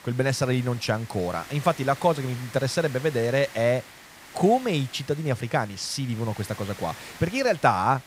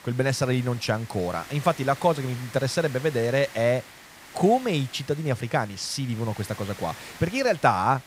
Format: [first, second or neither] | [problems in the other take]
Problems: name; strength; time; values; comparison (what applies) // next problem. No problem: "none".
neither | hiss; noticeable; throughout; 15 dB below the speech; the same in both